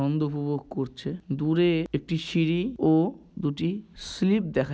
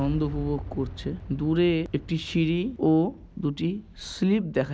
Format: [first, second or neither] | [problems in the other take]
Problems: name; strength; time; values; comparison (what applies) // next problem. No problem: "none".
first | background sound (Boom); 14 dB below the speech